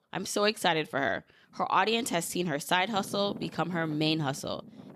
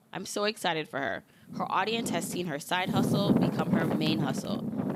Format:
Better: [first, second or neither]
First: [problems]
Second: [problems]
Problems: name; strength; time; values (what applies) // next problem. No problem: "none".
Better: first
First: wind noise on the microphone; occasional gusts; 25 dB below the speech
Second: wind noise on the microphone; heavy; 3 dB below the speech